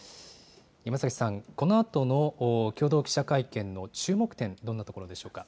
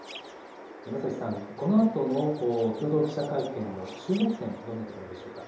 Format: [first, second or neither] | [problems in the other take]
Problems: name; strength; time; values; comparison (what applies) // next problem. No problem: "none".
first | background sound (Chirp, tweet); 15 dB below the speech // room echo; dies away in 2.8 s